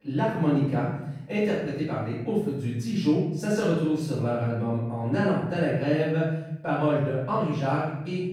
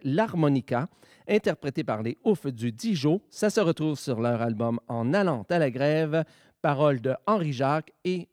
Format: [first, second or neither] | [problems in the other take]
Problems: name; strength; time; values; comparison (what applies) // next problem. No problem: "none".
second | off-mic speech; far // room echo; noticeable; dies away in 0.9 s